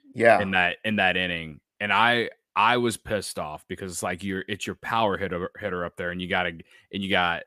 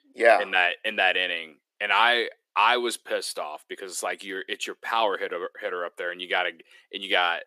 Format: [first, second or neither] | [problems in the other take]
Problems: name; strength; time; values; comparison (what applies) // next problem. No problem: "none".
first | thin; somewhat; fading below 350 Hz